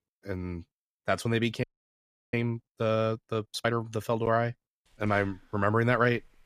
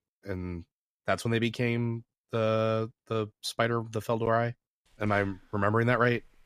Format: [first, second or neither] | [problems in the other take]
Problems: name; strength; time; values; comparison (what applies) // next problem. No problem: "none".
second | audio freezing; at 1.5 s for 0.5 s